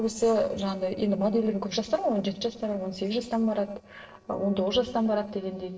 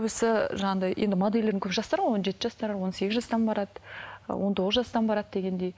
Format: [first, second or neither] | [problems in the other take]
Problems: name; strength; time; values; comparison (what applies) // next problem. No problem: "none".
second | noise reduction (neural separator model SepFormer DNS4)